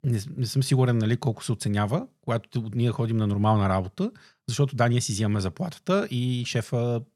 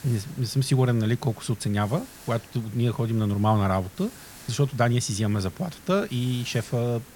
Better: first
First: none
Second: hiss; noticeable; throughout; 20 dB below the speech

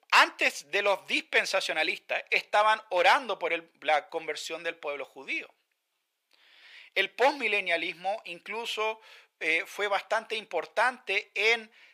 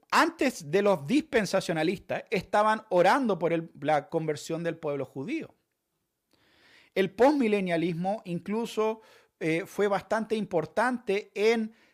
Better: second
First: thin; very; fading below 700 Hz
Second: none

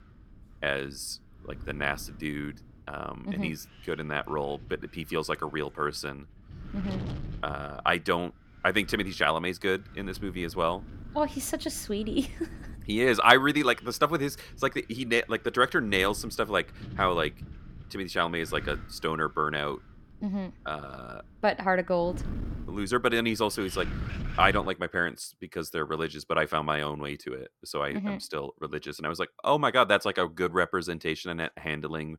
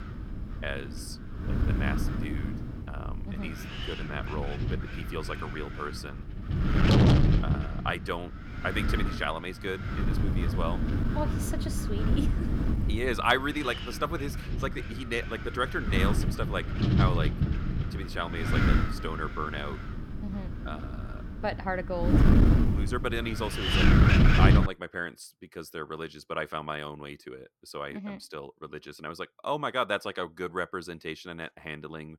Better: first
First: wind noise on the microphone; occasional gusts; until 25 s; 25 dB below the speech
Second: wind noise on the microphone; heavy; until 25 s; 1 dB below the speech

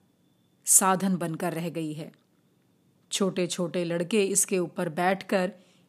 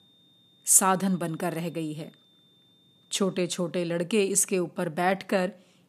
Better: first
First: none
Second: high-pitched whine; faint; until 3.5 s; 3.5 kHz, 35 dB below the speech

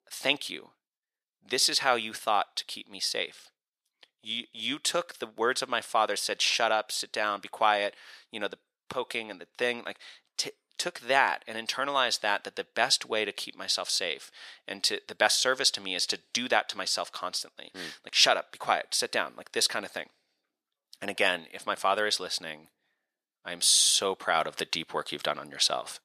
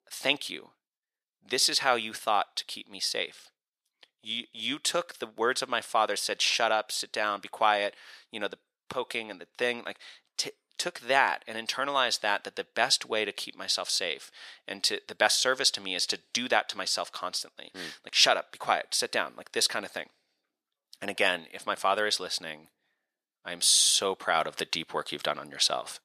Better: neither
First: thin; very; fading below 650 Hz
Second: thin; very; fading below 650 Hz

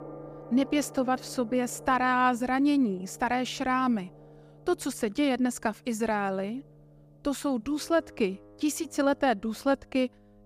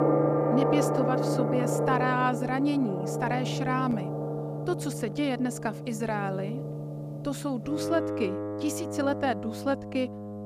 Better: first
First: background music; faint; throughout; 20 dB below the speech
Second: background music; loud; throughout; as loud as the speech

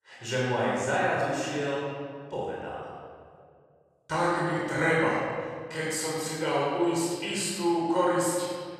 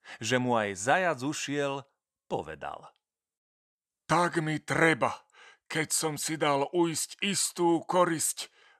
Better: second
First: off-mic speech; far // room echo; strong; dies away in 1.8 s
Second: none

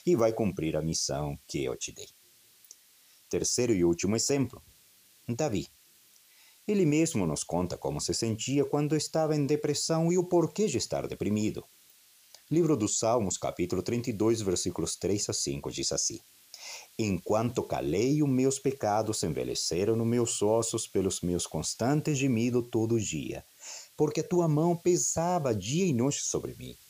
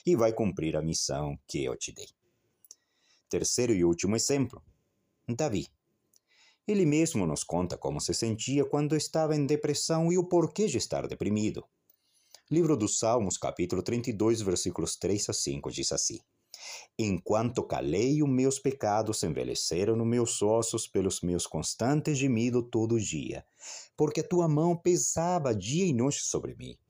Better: second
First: hiss; faint; throughout; 25 dB below the speech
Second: none

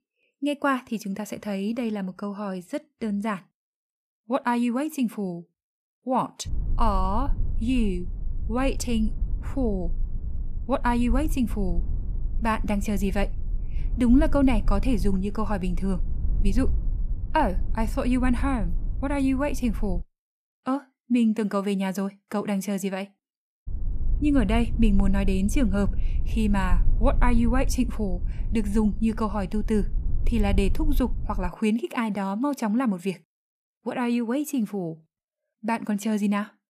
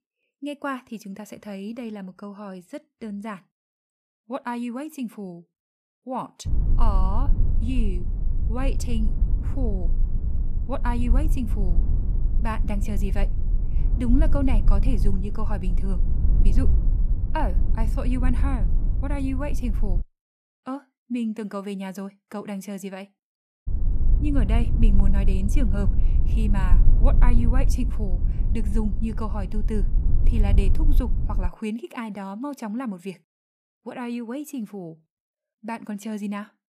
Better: first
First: low rumble; faint; from 6.5 to 20 s and from 24 to 31 s; 20 dB below the speech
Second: low rumble; loud; from 6.5 to 20 s and from 24 to 31 s; 9 dB below the speech

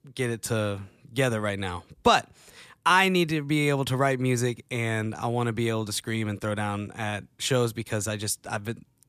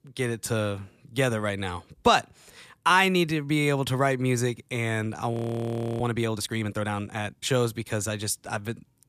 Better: first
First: none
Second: audio freezing; at 5.5 s for 0.5 s

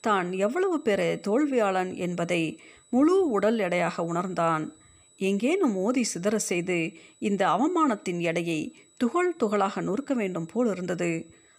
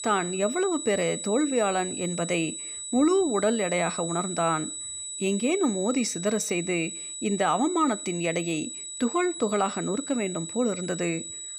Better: first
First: high-pitched whine; faint; throughout; 8 kHz, 30 dB below the speech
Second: high-pitched whine; loud; throughout; 8 kHz, 7 dB below the speech

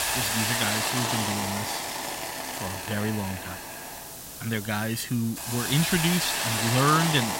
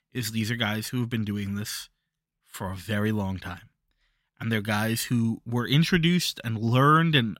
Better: second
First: hiss; loud; throughout; 1 dB below the speech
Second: none

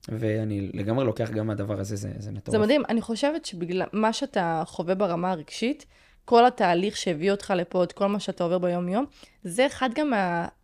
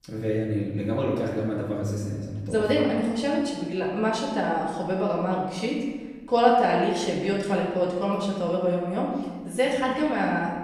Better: first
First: none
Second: room echo; noticeable; dies away in 1.3 s // off-mic speech; far

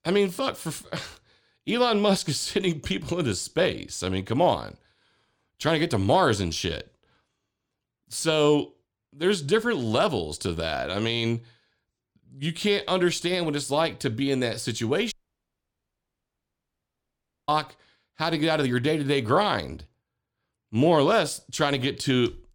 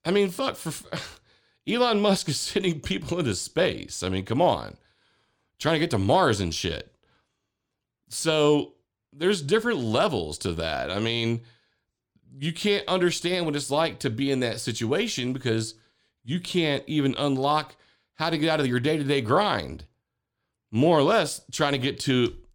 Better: second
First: audio cutting out; at 15 s for 2.5 s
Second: none

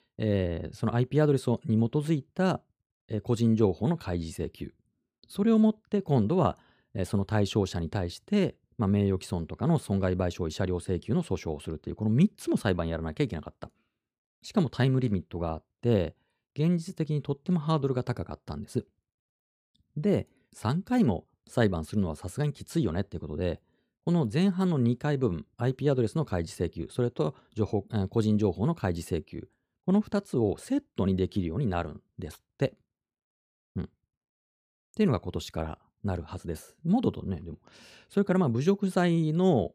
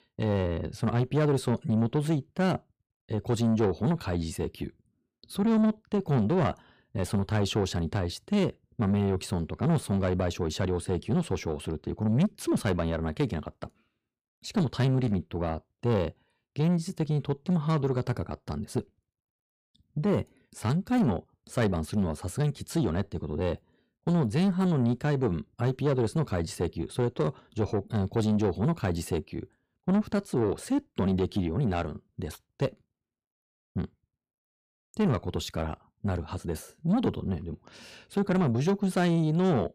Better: first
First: none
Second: distortion; slight; 10 dB below the speech

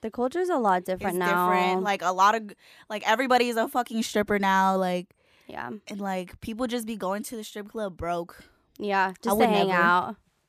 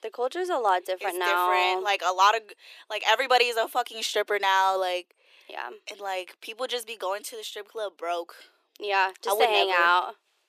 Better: first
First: none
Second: thin; very; fading below 350 Hz

